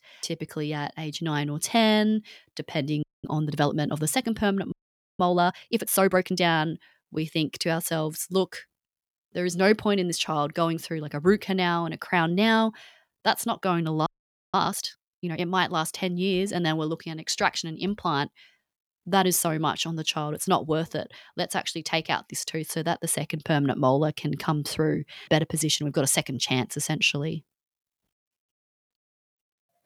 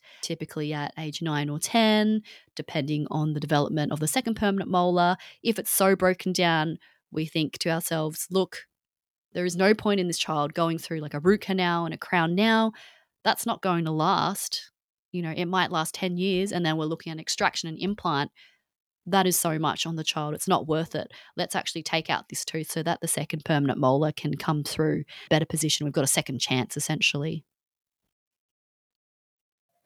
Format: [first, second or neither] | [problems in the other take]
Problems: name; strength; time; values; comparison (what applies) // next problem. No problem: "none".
second | audio freezing; at 3 s, at 4.5 s and at 14 s